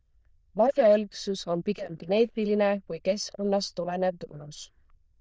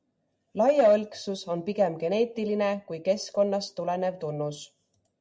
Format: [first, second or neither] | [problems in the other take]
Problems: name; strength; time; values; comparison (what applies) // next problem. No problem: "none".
second | noise reduction (neural diffusion model UNIVERSE++)